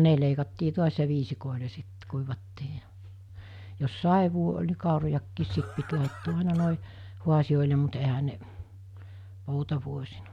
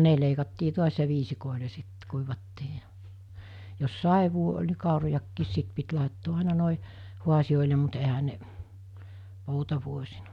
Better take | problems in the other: second | background sound (Cough); 16 dB below the speech

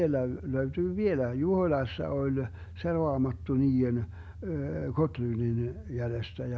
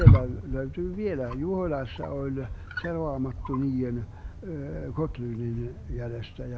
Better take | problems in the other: first | background sound (Wild animals); 3 dB above the speech

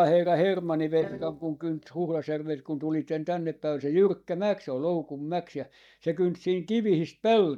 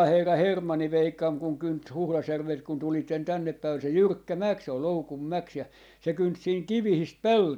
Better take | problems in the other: second | noise reduction (neural mask model DeepFilterNet 3)

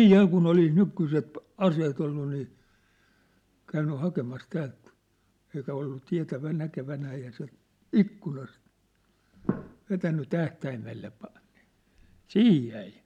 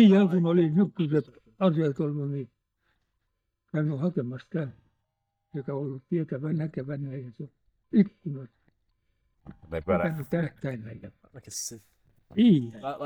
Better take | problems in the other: first | noise reduction (neural mask model DeepFilterNet 3)

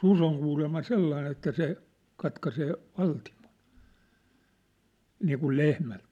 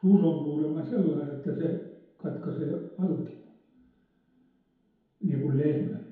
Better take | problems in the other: first | room echo; dies away in 1.9 s

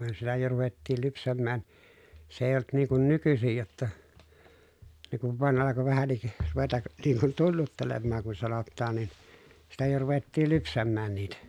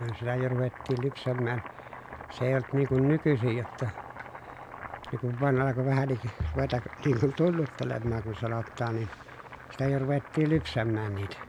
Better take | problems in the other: first | background sound (Boiling); 15 dB below the speech

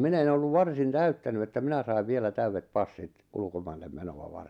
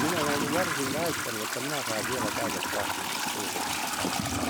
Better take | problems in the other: first | background sound (Trickle, dribble / Toilet flush); 4 dB above the speech

